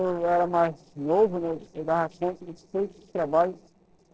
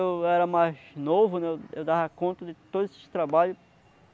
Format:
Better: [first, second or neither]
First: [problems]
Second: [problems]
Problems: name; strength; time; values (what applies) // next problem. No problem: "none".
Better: second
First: noise reduction (neural separator model SepFormer DNS4)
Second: none